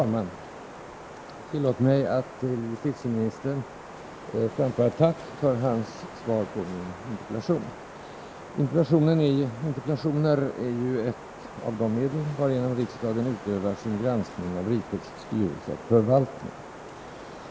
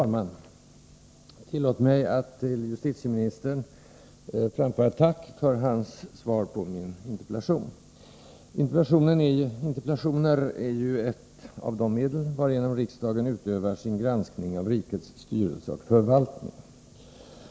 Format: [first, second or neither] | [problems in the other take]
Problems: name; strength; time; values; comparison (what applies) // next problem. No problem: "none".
second | background sound (Wind); 15 dB below the speech